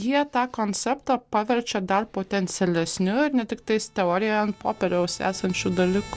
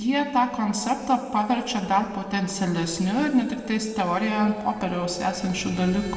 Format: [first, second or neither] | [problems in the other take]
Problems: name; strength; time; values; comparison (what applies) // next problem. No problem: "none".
first | room echo; dies away in 1.9 s